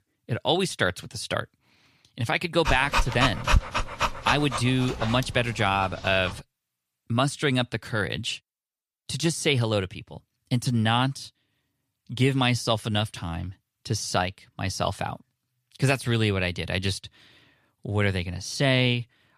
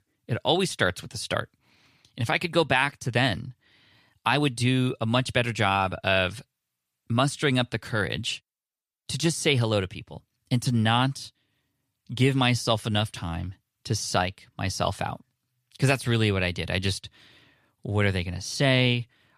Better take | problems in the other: second | dog barking; loud; from 2.5 to 5 s; peak 2 dB above the speech

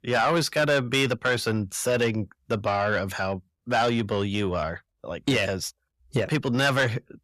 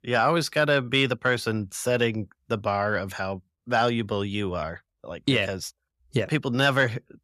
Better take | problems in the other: second | distortion; slight; 10 dB below the speech

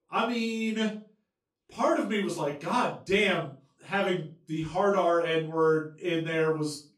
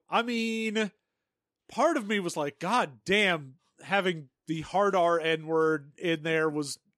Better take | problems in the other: second | off-mic speech; far // room echo; slight; dies away in 0.3 s

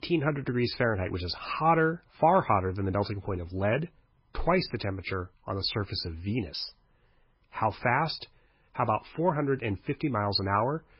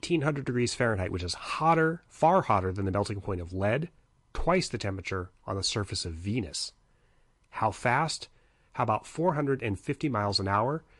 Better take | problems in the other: second | garbled, watery; badly; nothing above 5 kHz; slightly in the second

